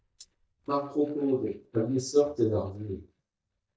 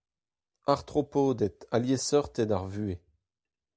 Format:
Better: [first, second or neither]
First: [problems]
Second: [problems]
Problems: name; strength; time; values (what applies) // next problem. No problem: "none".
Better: second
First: noise reduction (neural mask model DeepFilterNet 3)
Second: none